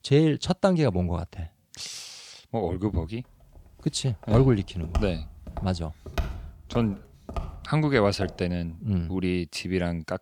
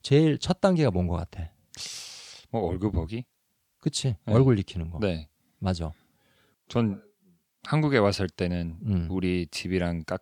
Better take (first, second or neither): second